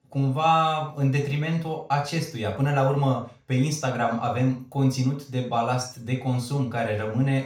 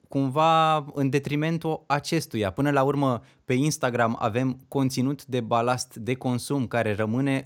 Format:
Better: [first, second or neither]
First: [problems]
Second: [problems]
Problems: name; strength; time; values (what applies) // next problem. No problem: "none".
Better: second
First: room echo; noticeable; dies away in 0.4 s // off-mic speech; far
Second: none